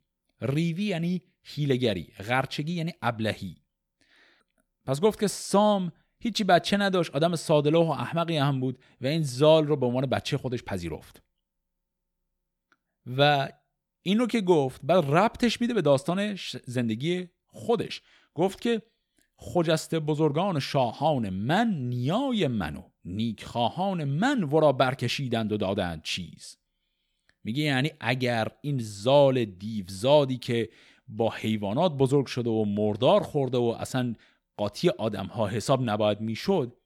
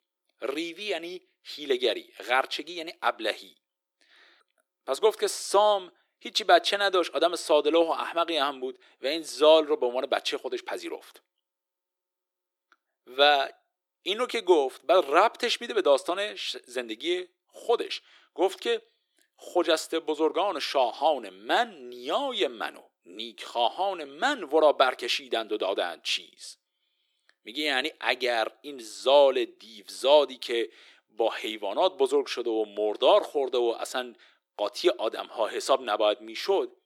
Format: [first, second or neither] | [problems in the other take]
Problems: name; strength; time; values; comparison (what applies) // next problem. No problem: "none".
first | thin; very; fading below 350 Hz